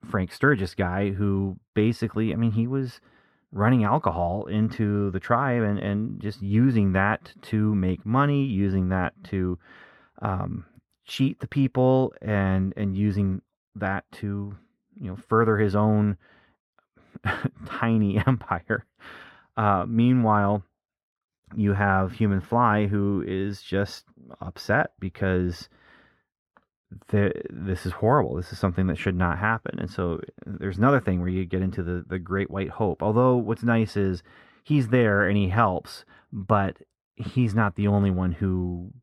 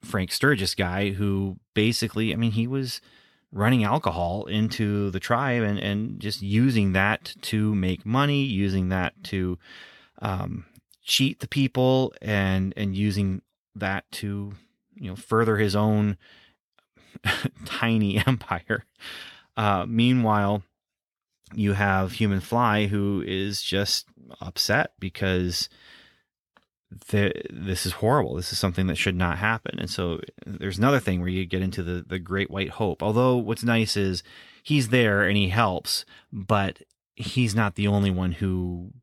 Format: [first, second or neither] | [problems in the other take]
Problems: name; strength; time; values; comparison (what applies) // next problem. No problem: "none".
second | muffled; very; fading above 2 kHz